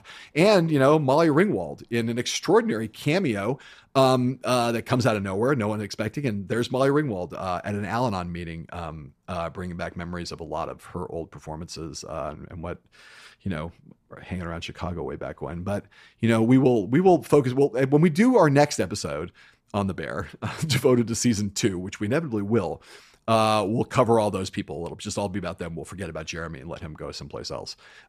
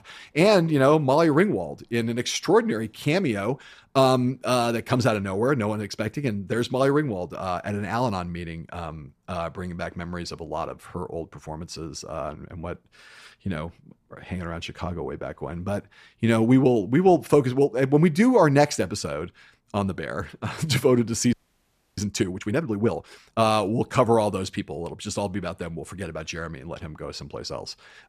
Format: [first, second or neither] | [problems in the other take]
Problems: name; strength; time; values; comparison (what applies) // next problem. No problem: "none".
first | audio freezing; at 21 s for 0.5 s